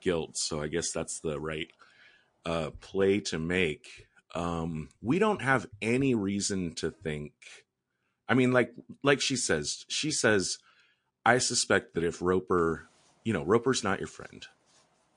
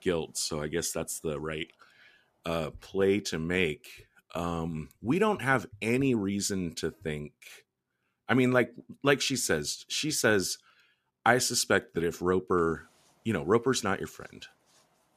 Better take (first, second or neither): second